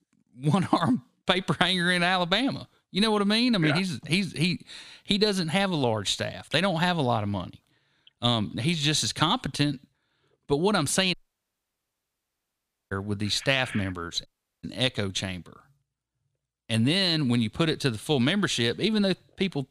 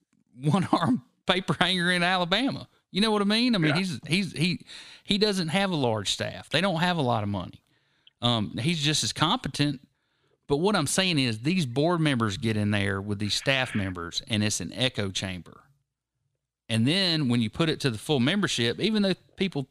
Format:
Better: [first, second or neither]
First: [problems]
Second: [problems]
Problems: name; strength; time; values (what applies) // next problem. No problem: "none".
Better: second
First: audio cutting out; at 11 s for 2 s and at 14 s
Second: none